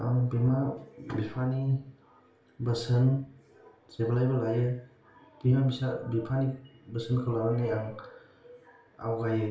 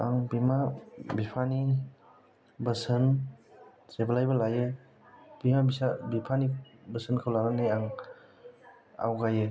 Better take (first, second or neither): second